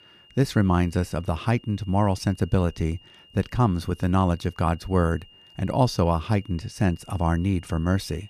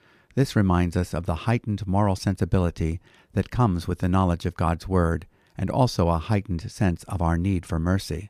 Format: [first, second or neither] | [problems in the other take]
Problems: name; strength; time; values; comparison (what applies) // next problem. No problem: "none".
second | high-pitched whine; faint; throughout; 3 kHz, 25 dB below the speech